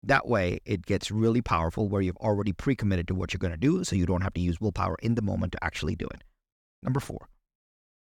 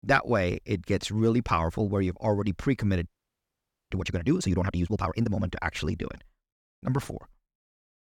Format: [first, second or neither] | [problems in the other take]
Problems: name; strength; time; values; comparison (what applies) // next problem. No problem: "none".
first | audio freezing; at 3 s for 1 s